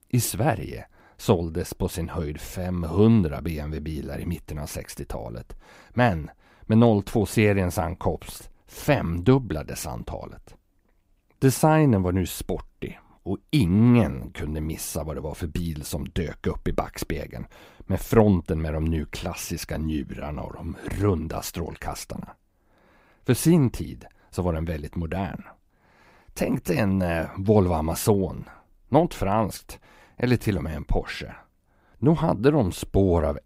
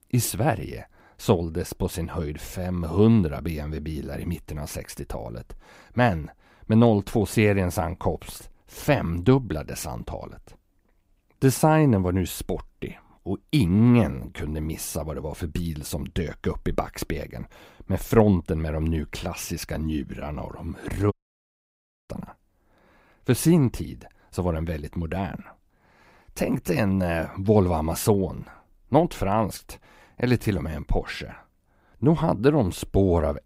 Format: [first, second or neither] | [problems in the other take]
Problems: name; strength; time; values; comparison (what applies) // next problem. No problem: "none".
first | audio cutting out; at 21 s for 1 s